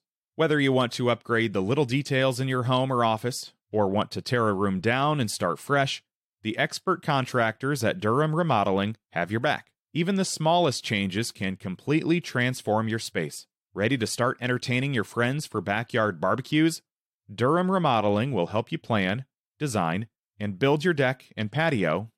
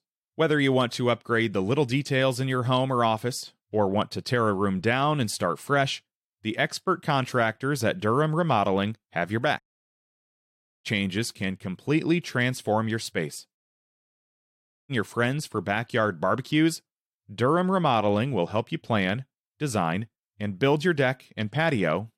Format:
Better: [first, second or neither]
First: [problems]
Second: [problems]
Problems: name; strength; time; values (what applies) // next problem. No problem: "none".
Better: first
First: none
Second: audio cutting out; at 9.5 s for 1 s and at 14 s for 1.5 s